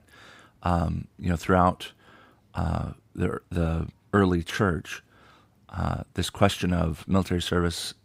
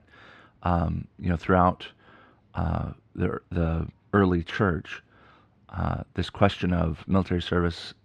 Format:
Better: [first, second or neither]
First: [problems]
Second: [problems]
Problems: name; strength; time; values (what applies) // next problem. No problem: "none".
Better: first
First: none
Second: muffled; slightly; fading above 3 kHz